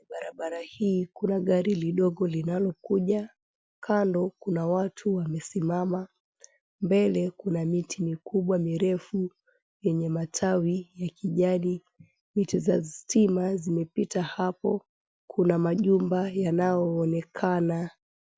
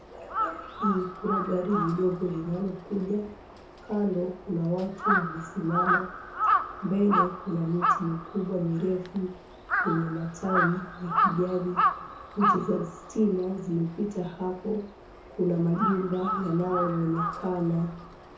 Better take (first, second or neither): first